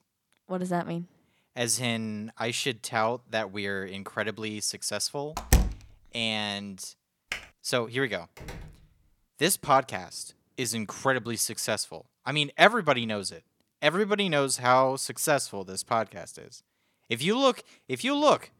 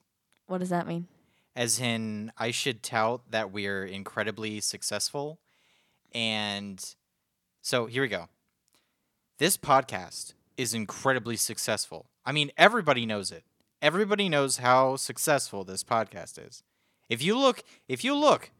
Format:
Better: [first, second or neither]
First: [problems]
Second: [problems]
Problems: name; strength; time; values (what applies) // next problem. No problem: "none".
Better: second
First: door banging; loud; at 5.5 s; peak 2 dB above the speech // keyboard typing; noticeable; at 7.5 s; peak 10 dB below the speech // door banging; faint; at 8.5 s; peak 15 dB below the speech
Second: none